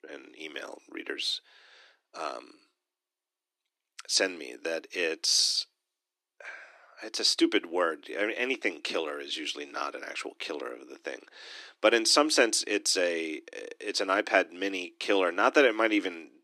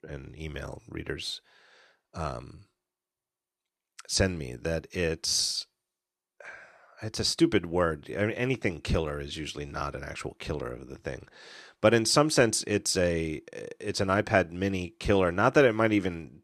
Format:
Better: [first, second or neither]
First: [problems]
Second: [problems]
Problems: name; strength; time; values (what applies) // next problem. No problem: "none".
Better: second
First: thin; somewhat; fading below 300 Hz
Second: none